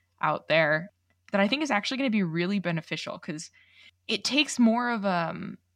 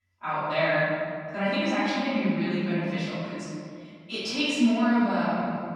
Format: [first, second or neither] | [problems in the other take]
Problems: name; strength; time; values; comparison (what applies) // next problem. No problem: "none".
first | room echo; strong; dies away in 2.1 s // off-mic speech; far